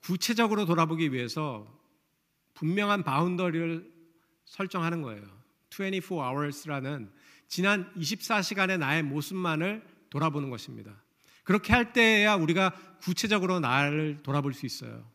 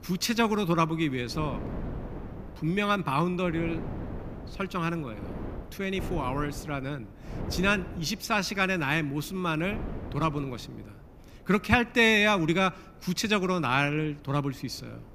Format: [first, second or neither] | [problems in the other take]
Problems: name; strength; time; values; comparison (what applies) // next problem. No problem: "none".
first | wind noise on the microphone; occasional gusts; 20 dB below the speech